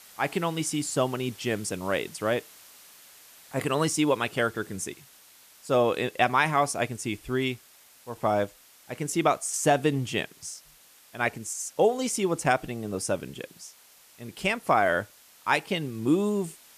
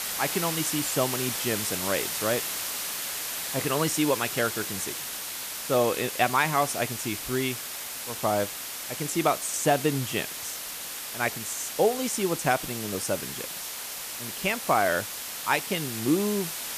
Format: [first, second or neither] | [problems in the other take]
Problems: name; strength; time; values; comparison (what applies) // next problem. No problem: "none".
first | hiss; loud; throughout; 4 dB below the speech; faint in the first